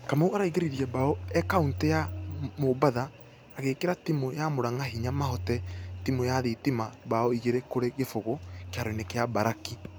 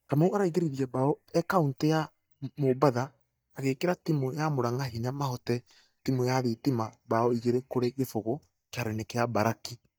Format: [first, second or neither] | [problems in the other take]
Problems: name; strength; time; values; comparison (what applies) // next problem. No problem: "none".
first | noise reduction (neural mask model DeepFilterNet 3)